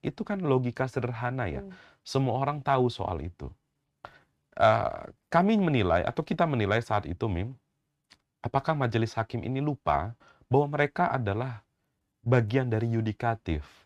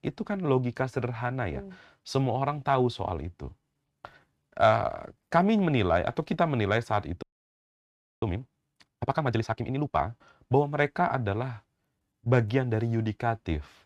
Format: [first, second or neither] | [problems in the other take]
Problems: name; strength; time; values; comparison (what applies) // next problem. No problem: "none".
first | audio freezing; at 7 s for 1 s